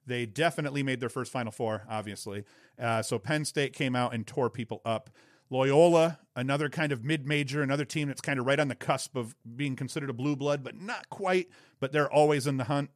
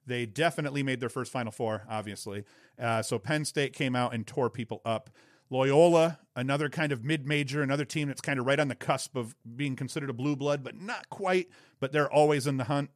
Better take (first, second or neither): neither